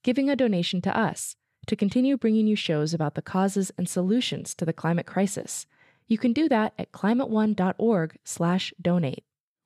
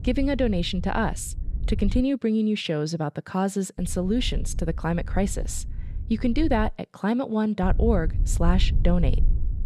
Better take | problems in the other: first | wind noise on the microphone; occasional gusts; until 2 s, from 4 to 6.5 s and from 7.5 s on; 20 dB below the speech

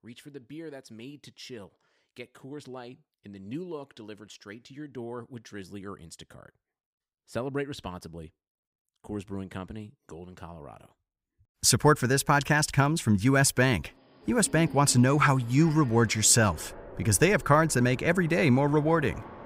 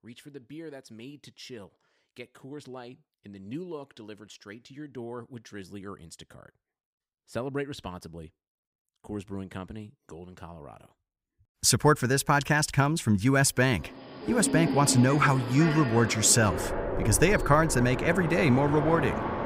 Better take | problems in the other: first | train or aircraft noise; loud; from 14 s on; 8 dB below the speech; faint in the first

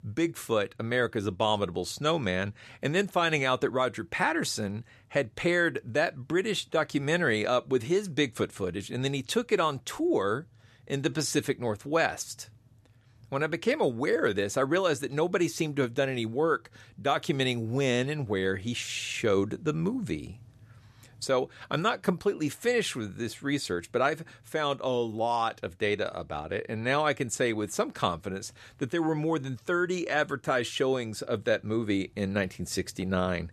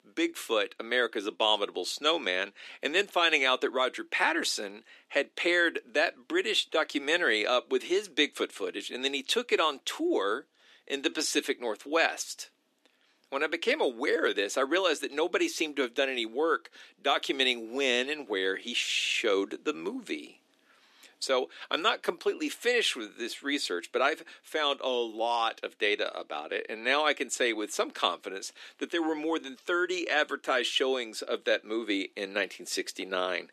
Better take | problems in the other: first | thin; somewhat; fading below 250 Hz

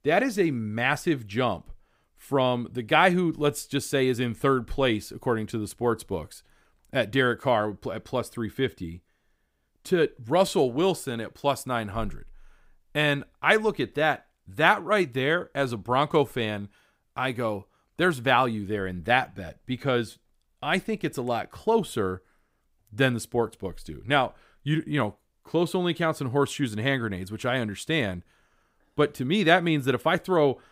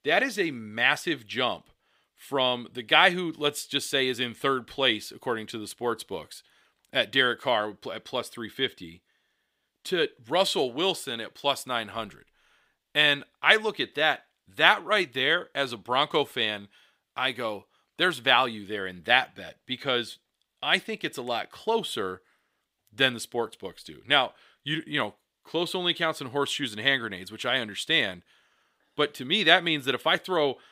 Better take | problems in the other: first | thin; very slightly; fading below 800 Hz

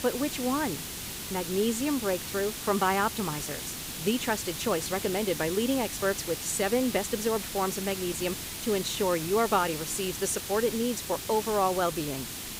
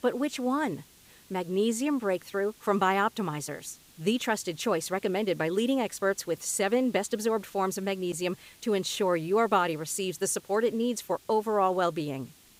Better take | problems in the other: second | hiss; loud; throughout; 6 dB below the speech; faint in the second

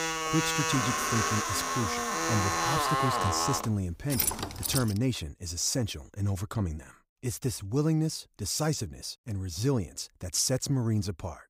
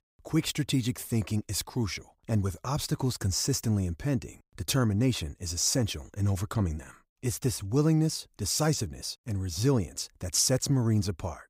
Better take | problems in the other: second | household noises; very loud; until 5 s; 2 dB above the speech

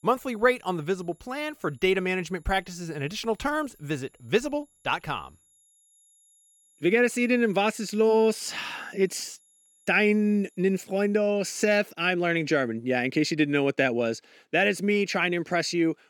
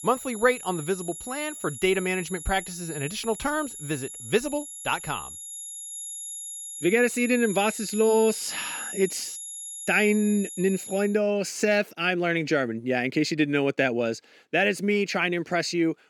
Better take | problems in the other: first | high-pitched whine; loud; until 11 s; 11 kHz, 10 dB below the speech; faint in the first

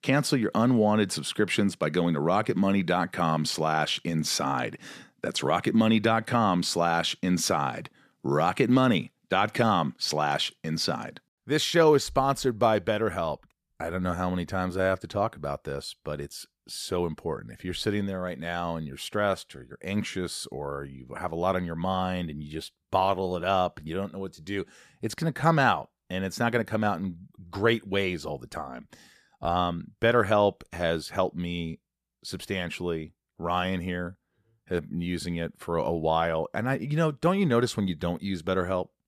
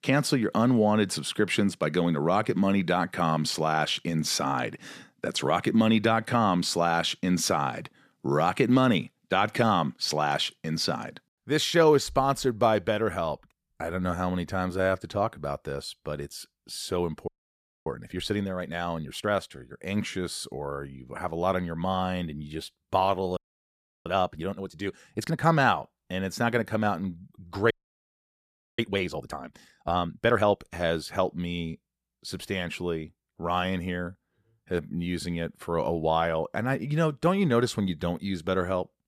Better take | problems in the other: first | audio freezing; at 17 s for 0.5 s, at 23 s for 0.5 s and at 28 s for 1 s

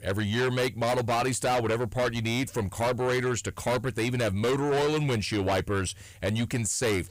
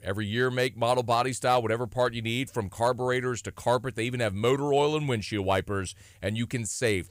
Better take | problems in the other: second | distortion; heavy; 7 dB below the speech

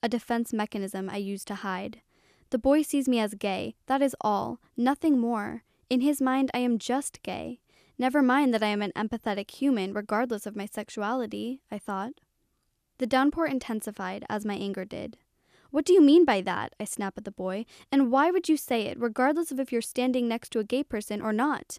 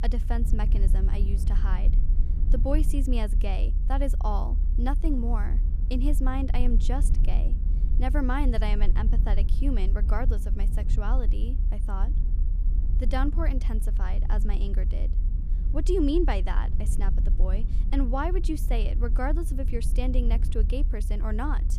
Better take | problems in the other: first | low rumble; noticeable; throughout; 10 dB below the speech

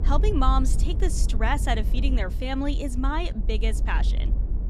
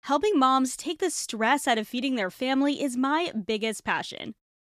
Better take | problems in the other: second | low rumble; noticeable; throughout; 15 dB below the speech

